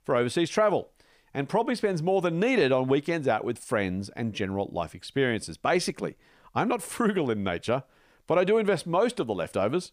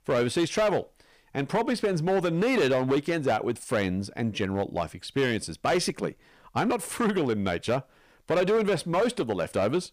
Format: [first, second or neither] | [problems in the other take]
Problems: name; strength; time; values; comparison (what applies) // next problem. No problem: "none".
first | distortion; slight; 9% of the sound clipped